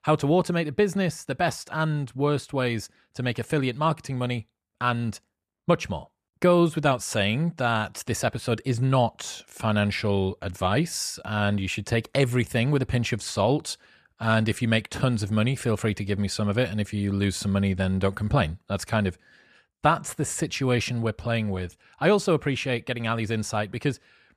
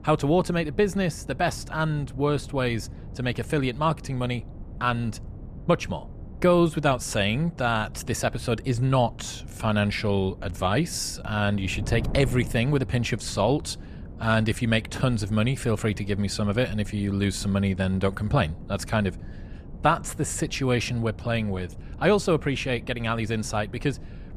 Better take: first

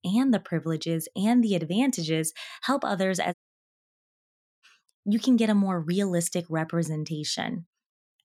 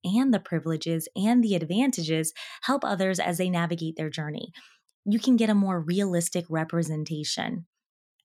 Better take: second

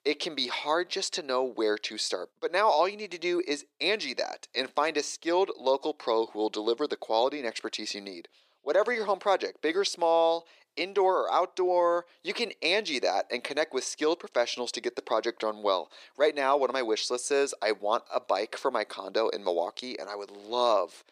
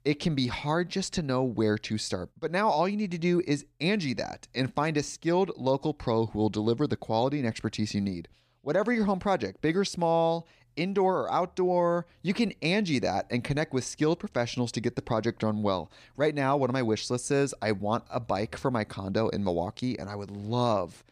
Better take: second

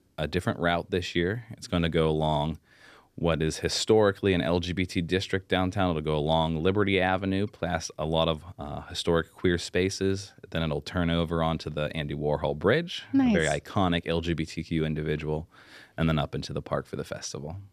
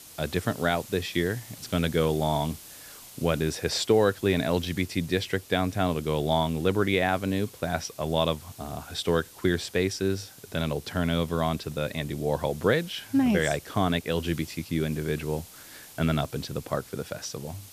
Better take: first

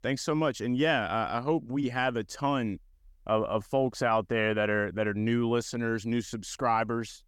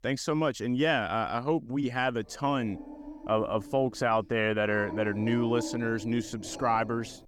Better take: first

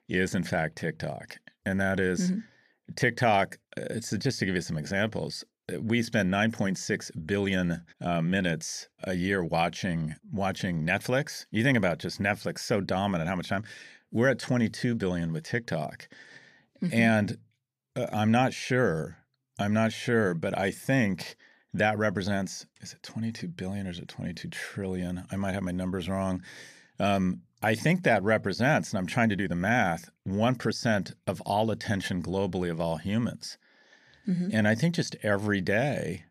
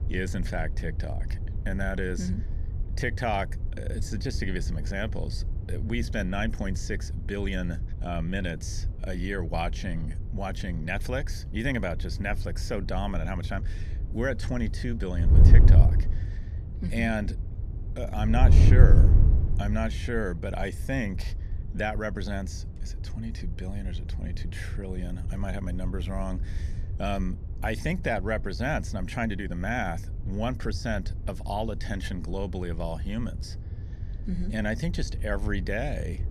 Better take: first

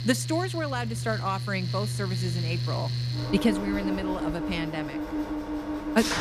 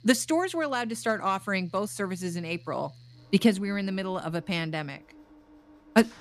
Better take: second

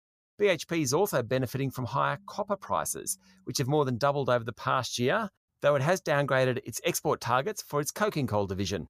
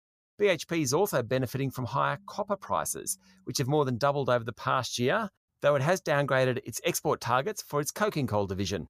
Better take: neither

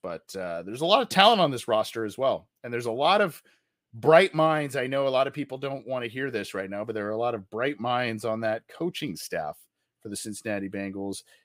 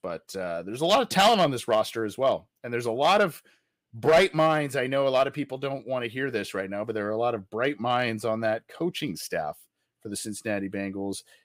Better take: first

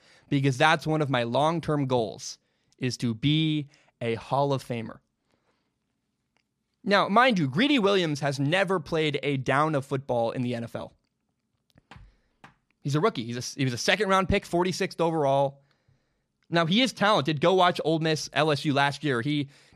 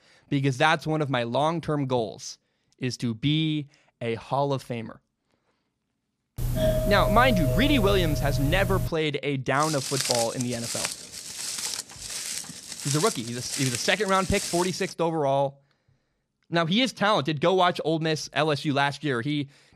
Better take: first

